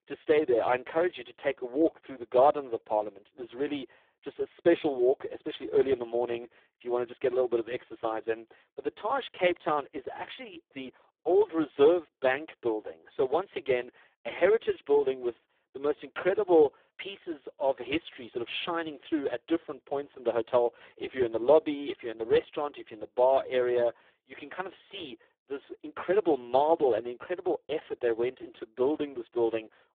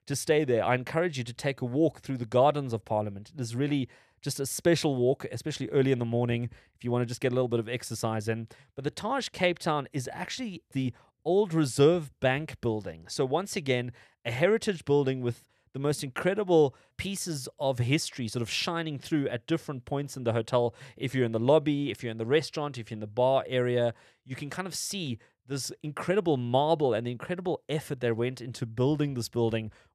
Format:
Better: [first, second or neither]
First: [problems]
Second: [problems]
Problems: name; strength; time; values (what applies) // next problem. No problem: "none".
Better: second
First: phone-call audio; poor line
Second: none